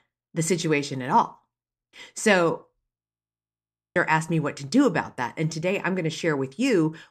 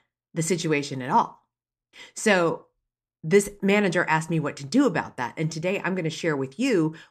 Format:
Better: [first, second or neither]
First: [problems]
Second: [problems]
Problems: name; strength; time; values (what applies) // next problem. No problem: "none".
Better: second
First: audio freezing; at 3 s for 1 s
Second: none